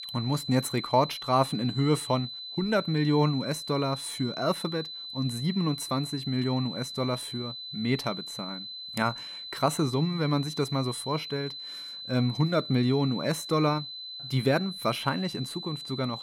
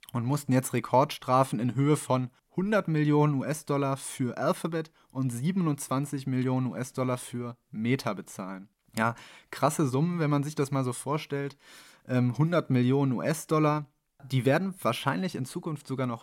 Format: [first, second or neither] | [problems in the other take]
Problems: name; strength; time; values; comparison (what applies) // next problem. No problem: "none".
second | high-pitched whine; loud; throughout; 4 kHz, 8 dB below the speech